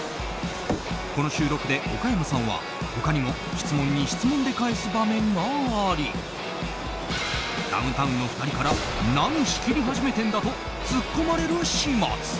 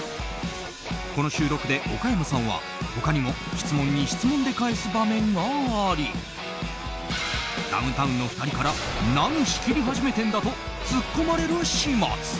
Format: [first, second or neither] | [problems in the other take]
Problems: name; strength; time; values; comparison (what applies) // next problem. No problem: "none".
second | background sound (Wind + Knock / Wood); 11 dB below the speech